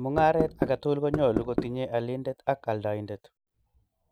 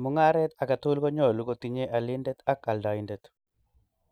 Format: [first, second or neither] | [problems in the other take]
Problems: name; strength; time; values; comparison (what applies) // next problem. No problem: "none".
second | background sound (Knock); 3 dB below the speech